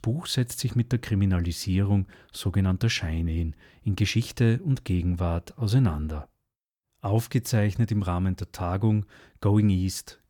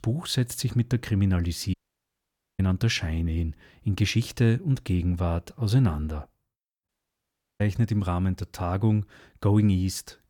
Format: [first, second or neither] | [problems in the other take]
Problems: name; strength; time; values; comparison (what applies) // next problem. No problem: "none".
first | audio cutting out; at 1.5 s for 1 s and at 7 s for 0.5 s